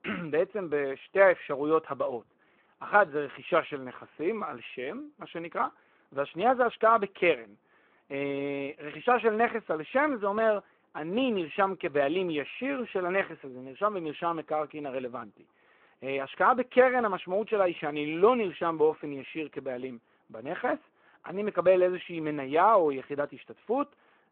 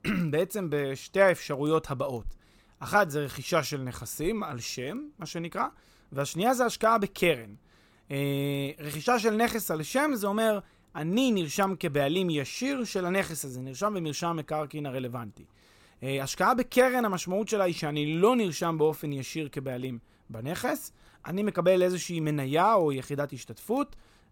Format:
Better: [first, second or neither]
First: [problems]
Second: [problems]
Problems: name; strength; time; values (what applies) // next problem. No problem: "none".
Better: second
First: phone-call audio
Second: none